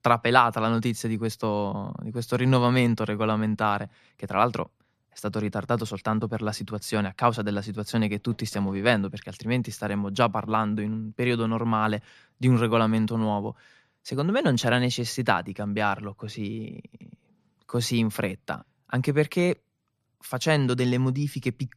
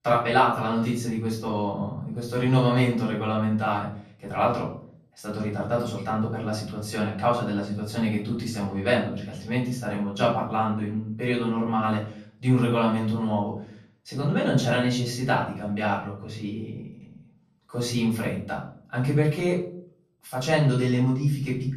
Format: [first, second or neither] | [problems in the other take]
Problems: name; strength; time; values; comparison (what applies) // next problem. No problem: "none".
first | off-mic speech; far // room echo; noticeable; dies away in 0.5 s